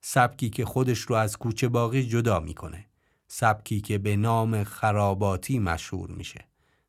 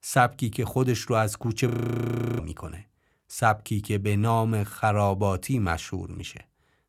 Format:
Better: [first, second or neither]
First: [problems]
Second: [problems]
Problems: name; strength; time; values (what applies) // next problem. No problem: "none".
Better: first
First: none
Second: audio freezing; at 1.5 s for 0.5 s